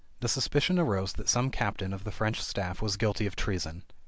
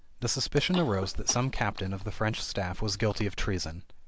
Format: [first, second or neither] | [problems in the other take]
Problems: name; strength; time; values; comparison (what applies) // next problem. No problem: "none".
first | background sound (Chewing, mastication / Cough); 16 dB below the speech